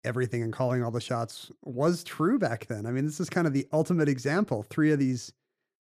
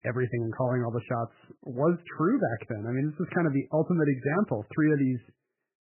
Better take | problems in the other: first | garbled, watery; badly; nothing above 2.5 kHz

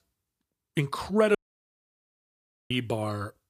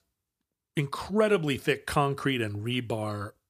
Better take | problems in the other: second | audio cutting out; at 1.5 s for 1.5 s

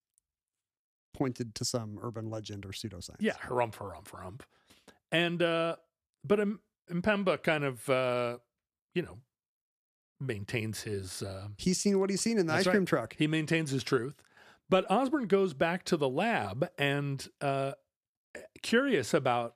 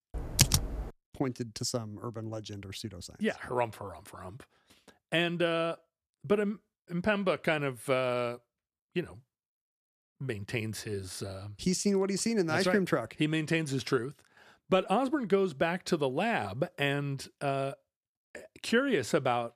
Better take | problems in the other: first | keyboard typing; loud; at the start; peak 6 dB above the speech

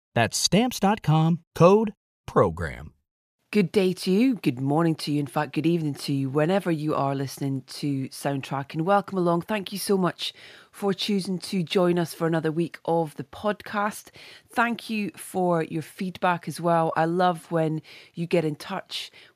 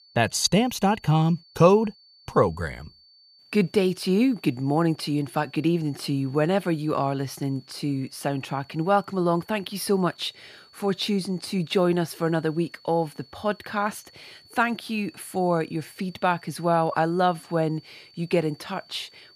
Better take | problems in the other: first | high-pitched whine; faint; throughout; 4.5 kHz, 25 dB below the speech

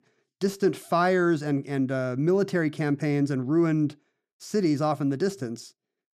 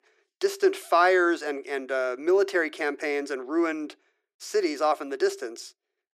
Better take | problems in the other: first | thin; very; fading below 350 Hz

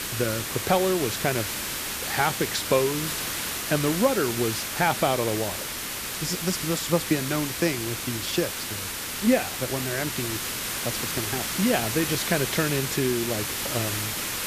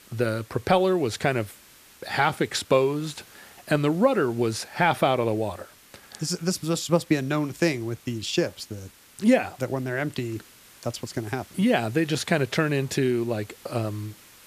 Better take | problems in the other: second | hiss; loud; throughout; 2 dB below the speech; faint in the second

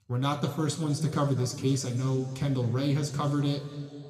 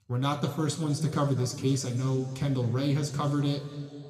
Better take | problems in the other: neither | room echo; slight; dies away in 2.1 s; the same in both

